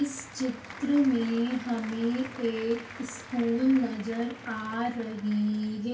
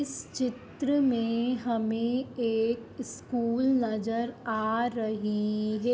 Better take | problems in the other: second | background sound (Applause); 16 dB below the speech // room echo; dies away in 0.2 s

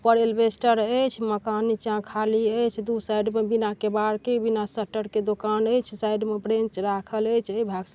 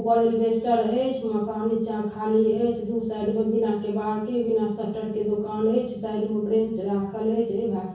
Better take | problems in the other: first | room echo; dies away in 0.6 s

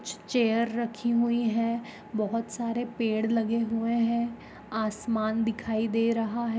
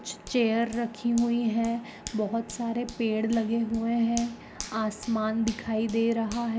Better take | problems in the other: first | background sound (Hands); 18 dB below the speech

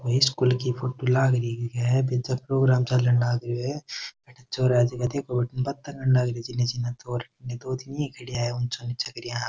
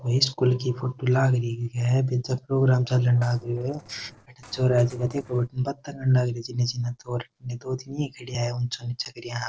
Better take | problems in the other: first | noise reduction (neural separator model SepFormer DNS4)

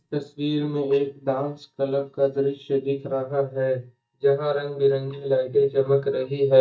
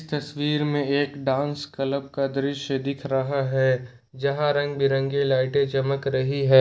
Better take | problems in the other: second | noise reduction (neural mask model DeepFilterNet 3)

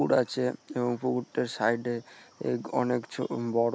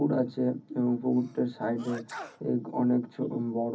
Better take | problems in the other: first | background sound (Sneeze); 18 dB below the speech // room echo; dies away in 0.4 s

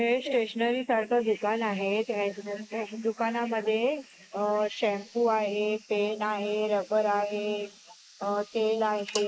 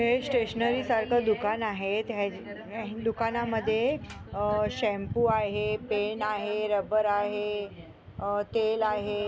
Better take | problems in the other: second | noise reduction (neural mask model Resemble Enhance denoiser)

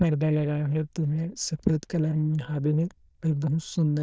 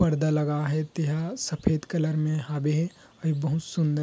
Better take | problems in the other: second | noise reduction (neural diffusion model UNIVERSE++)

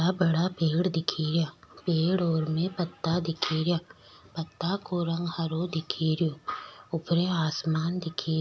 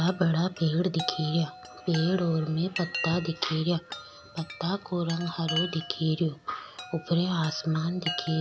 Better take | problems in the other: first | background sound (Chime); 12 dB below the speech

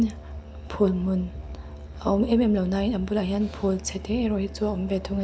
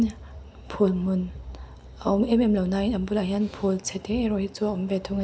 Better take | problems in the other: second | background sound (Musical instrument); 14 dB below the speech

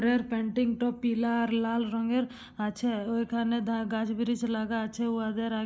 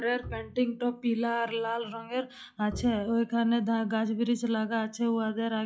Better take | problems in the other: first | noise reduction (classical method log-MMSE)

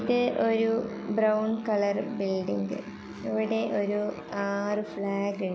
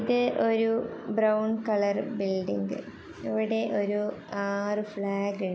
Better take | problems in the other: second | background sound (Musical instrument); 14 dB below the speech

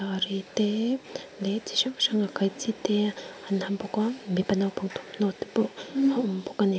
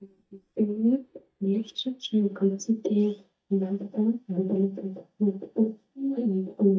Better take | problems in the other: first | noise reduction (neural mask model DeepFilterNet 3)

